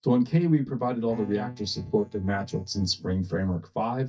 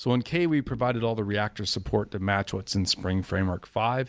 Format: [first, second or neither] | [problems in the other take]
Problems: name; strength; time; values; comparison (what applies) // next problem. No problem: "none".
second | noise reduction (neural mask model DeepFilterNet 3)